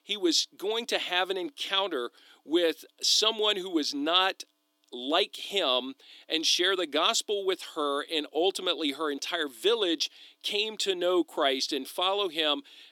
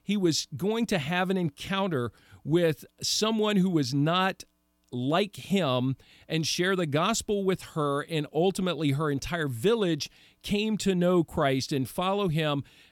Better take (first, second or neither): second